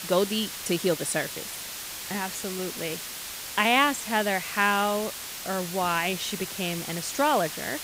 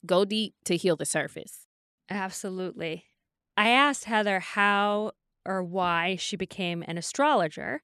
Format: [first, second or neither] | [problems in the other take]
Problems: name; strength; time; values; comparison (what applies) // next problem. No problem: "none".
second | hiss; loud; throughout; 7 dB below the speech